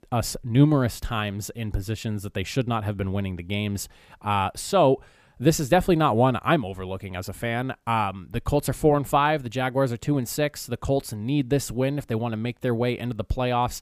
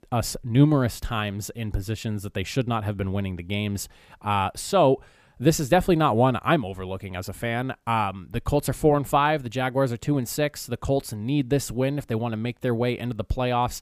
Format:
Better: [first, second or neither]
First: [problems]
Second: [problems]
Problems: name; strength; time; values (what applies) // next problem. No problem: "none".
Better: neither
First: none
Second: none